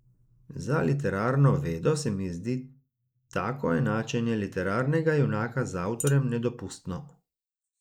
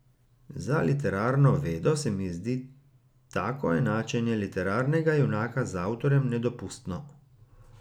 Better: second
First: noise reduction (neural mask model Resemble Enhance denoiser)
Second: none

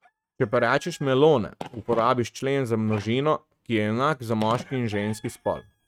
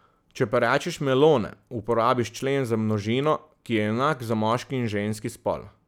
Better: second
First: noise reduction (neural mask model RNNoise)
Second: none

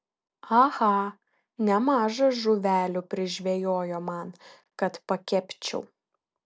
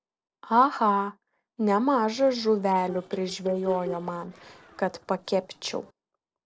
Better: first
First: none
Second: noise reduction (neural separator model SepFormer DNS4)

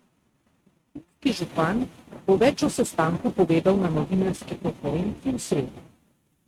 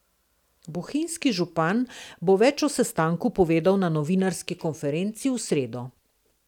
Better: second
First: noise reduction (neural mask model RNNoise)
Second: none

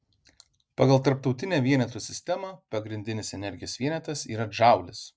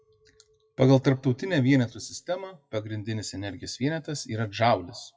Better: first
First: none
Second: noise reduction (classical method WPE with log-MMSE)

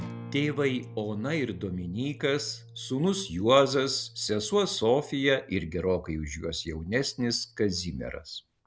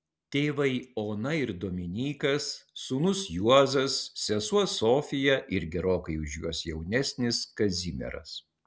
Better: second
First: background sound (Acoustic guitar); 18 dB below the speech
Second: none

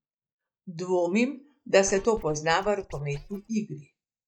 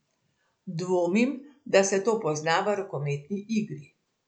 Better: second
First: noise reduction (neural mask model DeepFilterNet 3)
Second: none

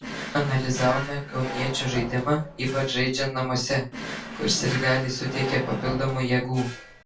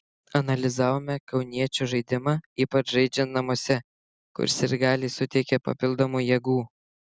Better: second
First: background sound (Drawer open or close); 9 dB below the speech // room echo; dies away in 0.2 s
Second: none

